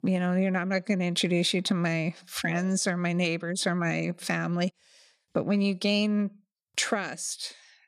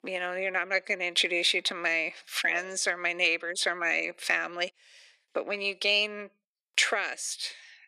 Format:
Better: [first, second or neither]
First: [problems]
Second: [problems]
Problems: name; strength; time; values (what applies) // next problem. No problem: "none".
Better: first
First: none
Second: thin; very; fading below 350 Hz